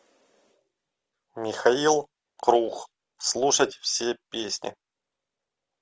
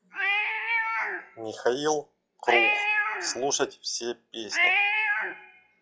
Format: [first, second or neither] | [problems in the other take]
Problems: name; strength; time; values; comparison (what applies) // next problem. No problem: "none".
first | noise reduction (classical method log-MMSE)